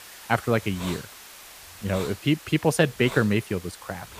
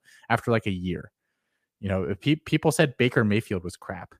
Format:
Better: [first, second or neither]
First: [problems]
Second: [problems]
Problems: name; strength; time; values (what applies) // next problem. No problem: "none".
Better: second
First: hiss; noticeable; throughout; 15 dB below the speech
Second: none